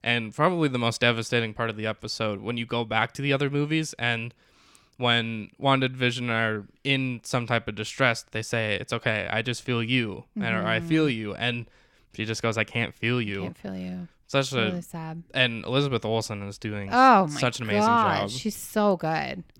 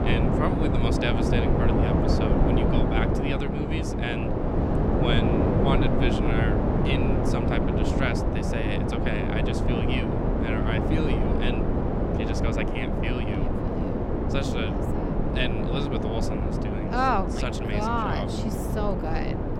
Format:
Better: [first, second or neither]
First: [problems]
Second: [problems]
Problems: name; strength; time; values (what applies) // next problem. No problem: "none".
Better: first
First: none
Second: wind noise on the microphone; heavy; 2 dB above the speech